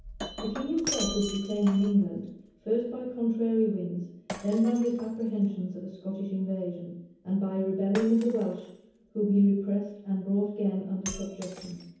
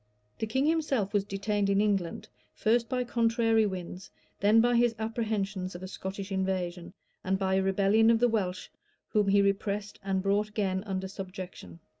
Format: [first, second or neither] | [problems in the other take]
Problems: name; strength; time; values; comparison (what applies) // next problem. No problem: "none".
second | background sound (Shatter); 14 dB below the speech // room echo; dies away in 0.9 s